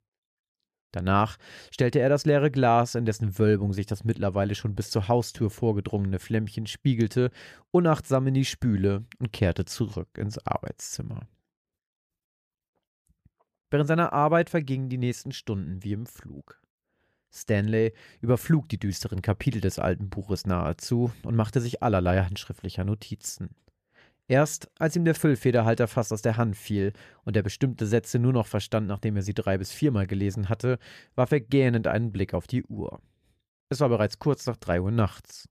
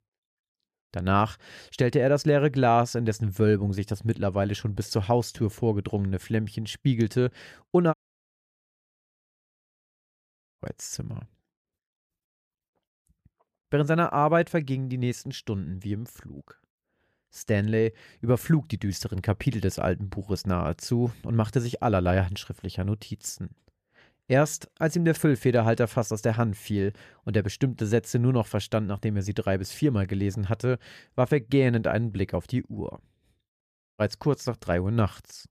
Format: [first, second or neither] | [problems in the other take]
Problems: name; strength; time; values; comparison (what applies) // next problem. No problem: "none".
first | audio cutting out; at 8 s for 2.5 s and at 34 s